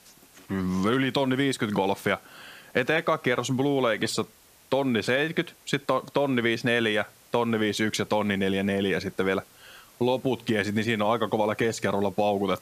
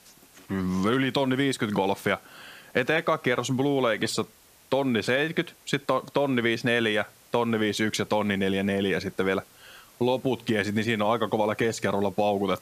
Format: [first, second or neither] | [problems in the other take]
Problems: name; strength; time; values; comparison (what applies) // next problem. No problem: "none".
neither | hiss; faint; throughout; 25 dB below the speech; the same in both